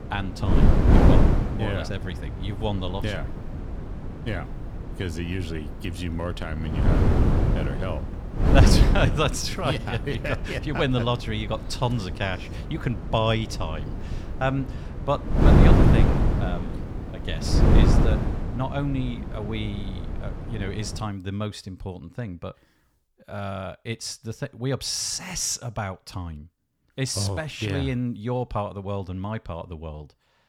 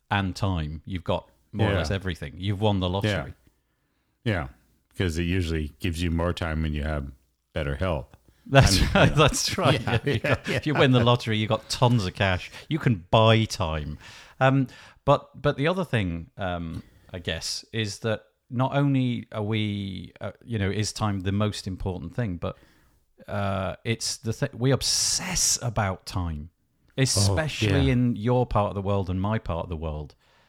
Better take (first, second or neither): second